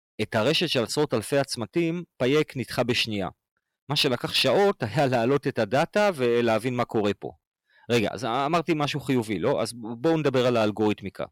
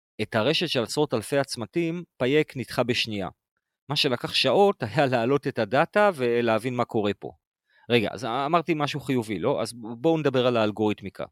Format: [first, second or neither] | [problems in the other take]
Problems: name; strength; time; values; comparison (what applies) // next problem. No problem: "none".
second | distortion; slight; 5% of the sound clipped